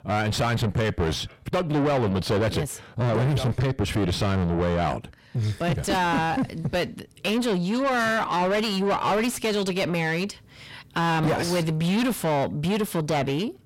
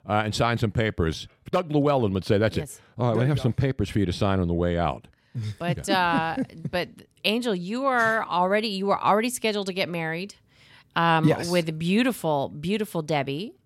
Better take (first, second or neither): second